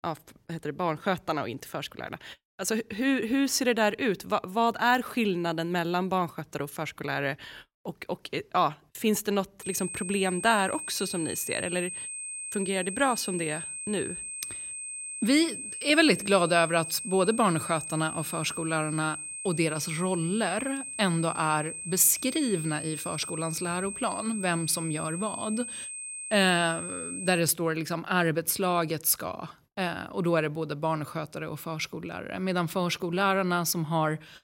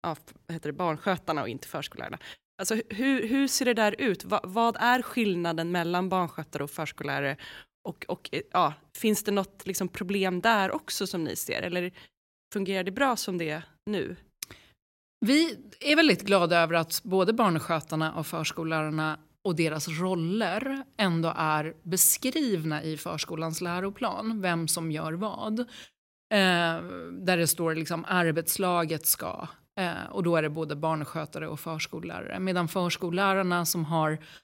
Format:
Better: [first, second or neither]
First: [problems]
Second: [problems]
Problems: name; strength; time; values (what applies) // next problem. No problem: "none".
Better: second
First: high-pitched whine; loud; from 9.5 to 27 s; 8.5 kHz, 7 dB below the speech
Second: none